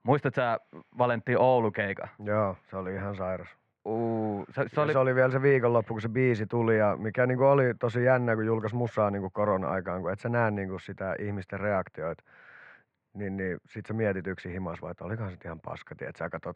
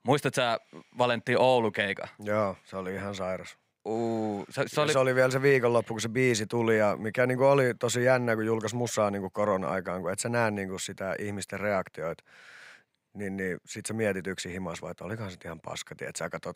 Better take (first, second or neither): second